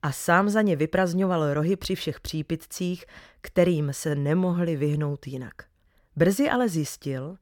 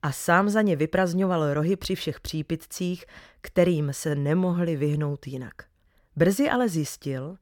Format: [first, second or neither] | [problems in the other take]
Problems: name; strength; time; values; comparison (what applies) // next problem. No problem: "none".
neither | none